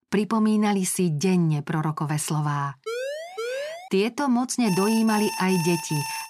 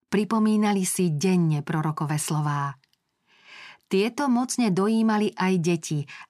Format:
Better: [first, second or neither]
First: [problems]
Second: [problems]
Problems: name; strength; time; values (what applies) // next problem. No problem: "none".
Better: second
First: siren; noticeable; from 3 to 4 s; peak 7 dB below the speech // alarm; noticeable; from 4.5 s on; peak 7 dB below the speech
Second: none